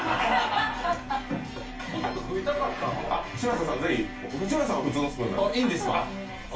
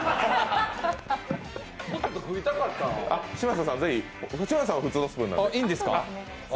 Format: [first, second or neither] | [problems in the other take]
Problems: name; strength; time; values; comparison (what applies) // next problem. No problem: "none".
second | background sound (Wind instrument, woodwind instrument); 16 dB below the speech // room echo; dies away in 0.2 s